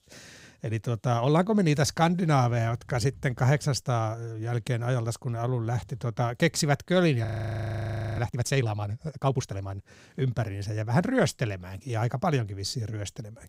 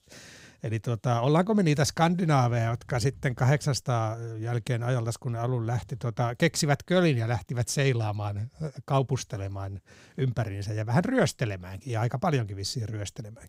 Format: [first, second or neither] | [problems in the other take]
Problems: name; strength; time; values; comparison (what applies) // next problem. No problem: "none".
second | audio freezing; at 7.5 s for 1 s